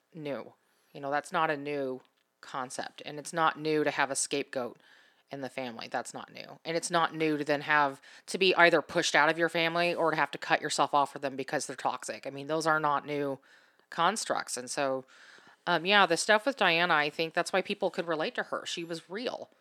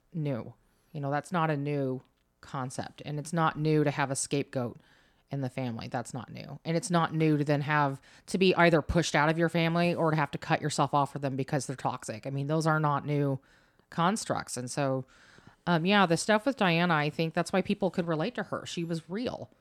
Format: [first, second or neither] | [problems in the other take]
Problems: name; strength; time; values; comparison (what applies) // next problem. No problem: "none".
second | thin; somewhat; fading below 350 Hz